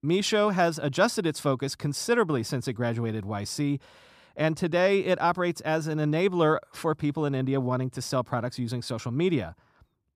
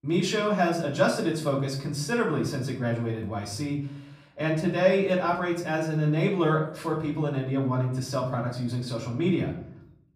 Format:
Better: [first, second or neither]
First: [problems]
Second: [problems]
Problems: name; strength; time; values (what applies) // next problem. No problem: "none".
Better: first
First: none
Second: off-mic speech; far // room echo; slight; dies away in 0.6 s